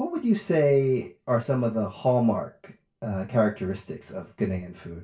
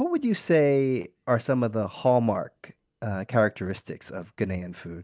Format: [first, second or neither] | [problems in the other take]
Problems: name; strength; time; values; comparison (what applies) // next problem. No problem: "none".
second | room echo; dies away in 0.2 s